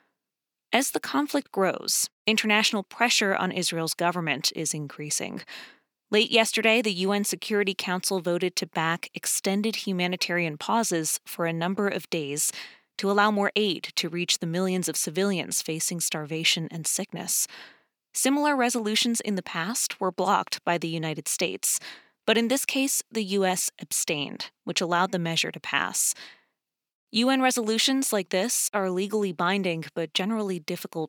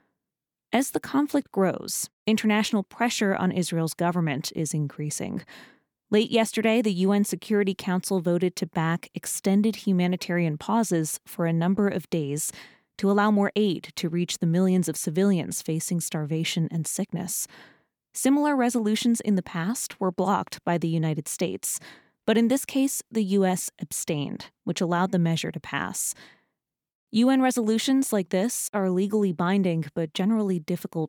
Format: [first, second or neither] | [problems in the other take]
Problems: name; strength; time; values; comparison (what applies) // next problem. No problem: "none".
second | thin; very slightly; fading below 1 kHz